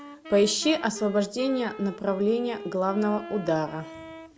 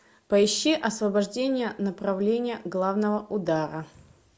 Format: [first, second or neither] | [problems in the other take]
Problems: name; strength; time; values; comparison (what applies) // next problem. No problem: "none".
second | background sound (Wind instrument, woodwind instrument); 14 dB below the speech